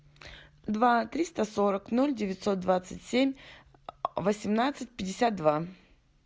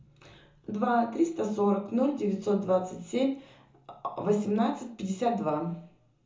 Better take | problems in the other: first | room echo; dies away in 0.6 s

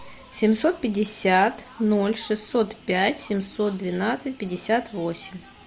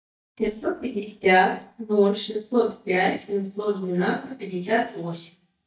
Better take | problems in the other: first | noise reduction (neural mask model DeepFilterNet 3)

